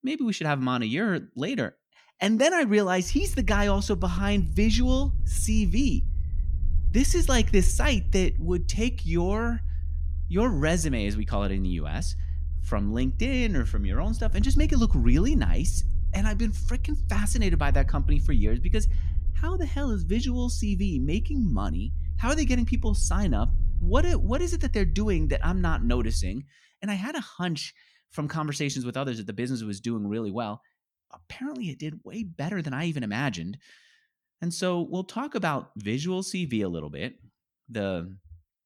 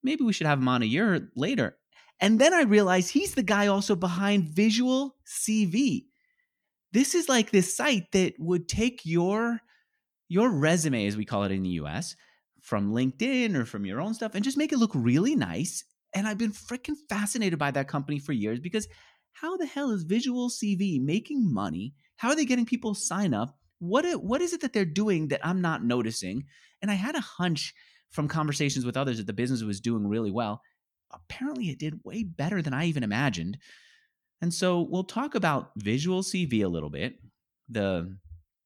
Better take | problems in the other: second | low rumble; noticeable; from 3 to 26 s; 20 dB below the speech

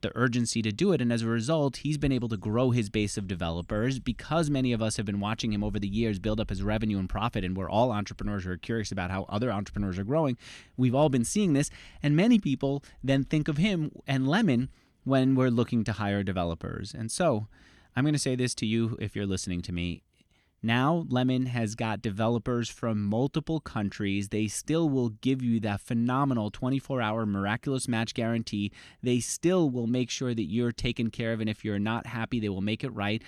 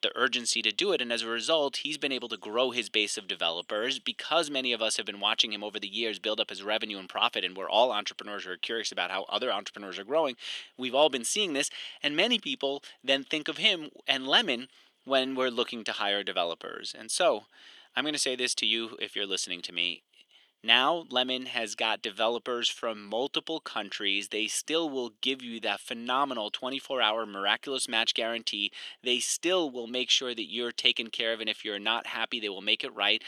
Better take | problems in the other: first | thin; very; fading below 400 Hz

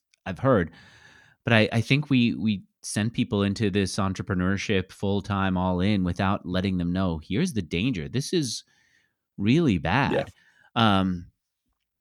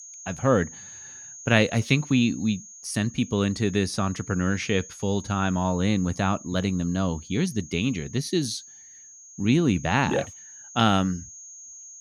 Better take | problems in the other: first | high-pitched whine; noticeable; throughout; 6.5 kHz, 15 dB below the speech

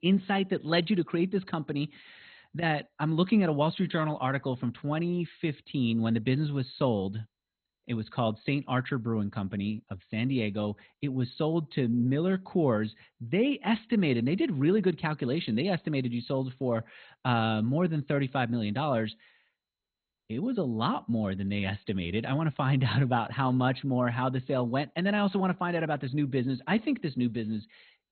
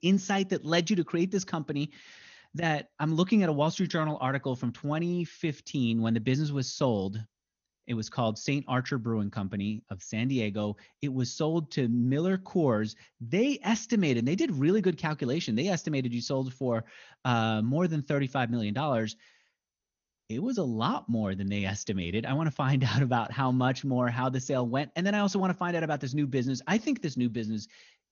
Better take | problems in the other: second | garbled, watery; badly; nothing above 4 kHz; slightly in the second

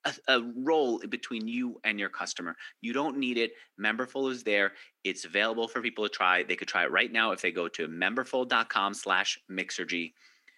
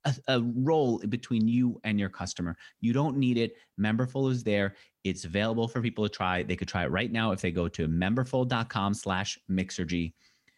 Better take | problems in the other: second | thin; somewhat; fading below 300 Hz

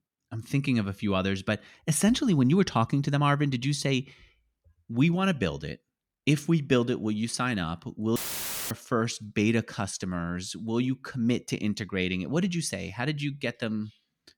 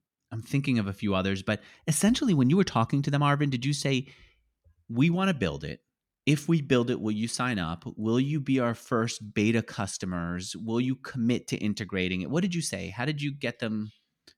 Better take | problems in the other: second | audio cutting out; filled with static; at 8 s for 0.5 s

